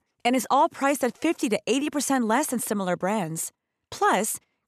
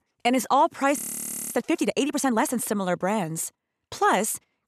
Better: first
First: none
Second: audio freezing; at 1 s for 0.5 s

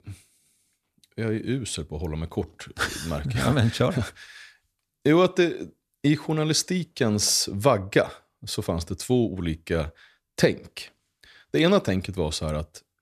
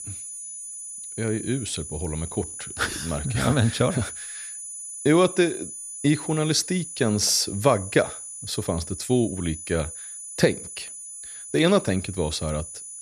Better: first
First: none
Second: high-pitched whine; loud; throughout; 10 kHz, 10 dB below the speech

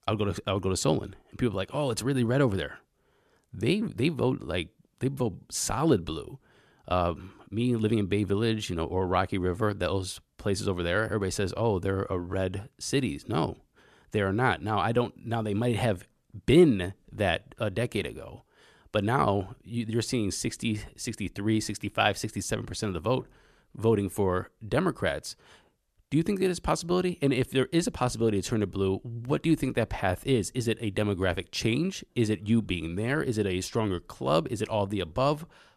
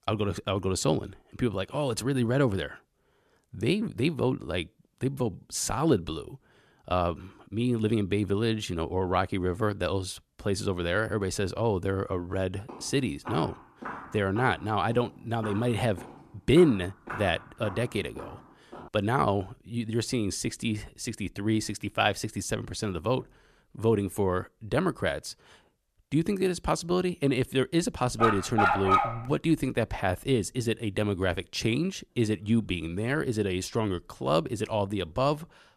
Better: first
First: none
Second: footsteps; faint; from 13 to 19 s; peak 10 dB below the speech // dog barking; loud; at 28 s; peak 6 dB above the speech

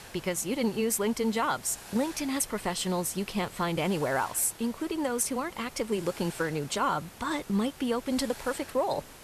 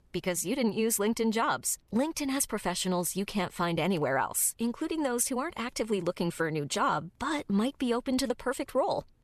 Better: second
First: hiss; noticeable; throughout; 15 dB below the speech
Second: none

